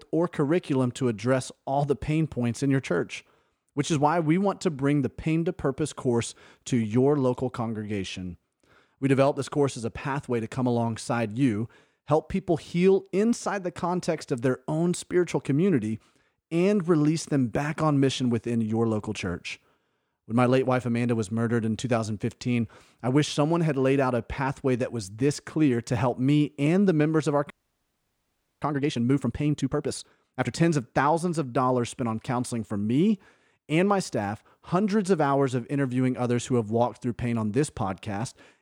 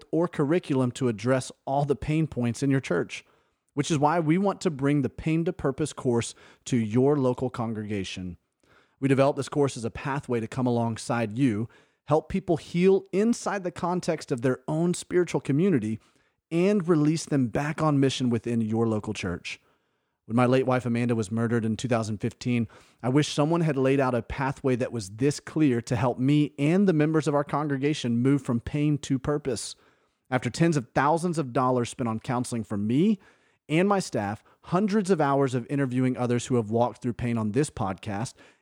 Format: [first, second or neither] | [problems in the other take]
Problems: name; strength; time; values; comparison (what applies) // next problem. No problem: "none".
second | audio freezing; at 28 s for 1 s